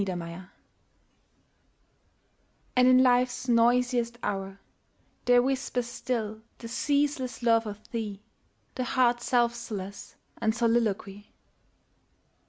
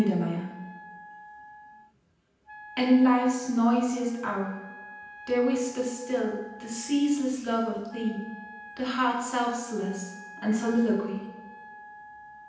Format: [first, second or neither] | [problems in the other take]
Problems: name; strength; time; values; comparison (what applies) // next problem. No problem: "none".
first | background sound (Wind instrument, woodwind instrument); 18 dB below the speech // room echo; dies away in 0.9 s